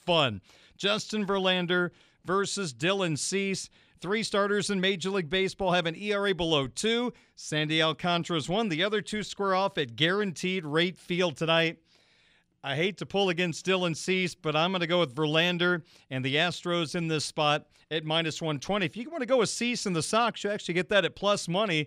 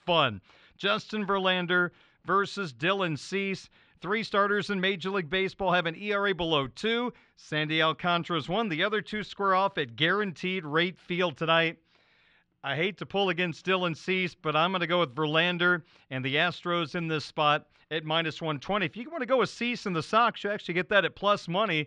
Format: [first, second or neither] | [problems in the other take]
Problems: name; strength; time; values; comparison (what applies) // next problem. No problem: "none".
first | muffled; slightly; fading above 3 kHz